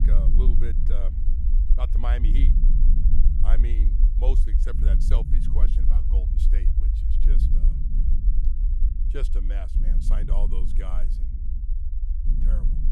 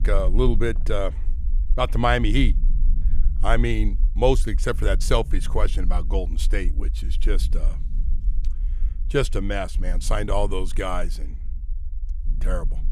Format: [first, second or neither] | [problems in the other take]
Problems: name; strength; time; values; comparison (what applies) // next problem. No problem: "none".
second | low rumble; loud; throughout; 4 dB below the speech; faint in the second